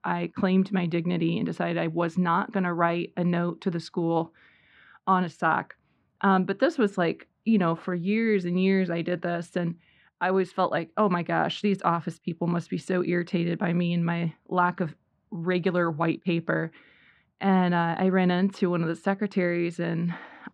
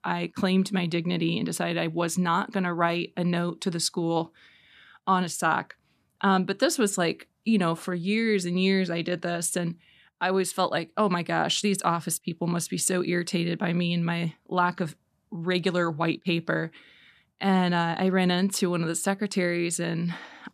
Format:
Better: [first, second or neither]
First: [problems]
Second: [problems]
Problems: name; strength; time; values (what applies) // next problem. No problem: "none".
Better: second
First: muffled; very; fading above 2 kHz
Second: none